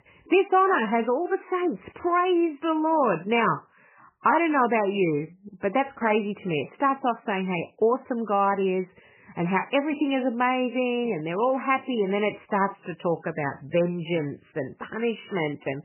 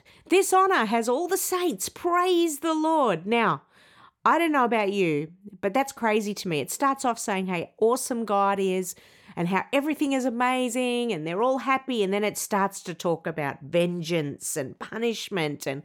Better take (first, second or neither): second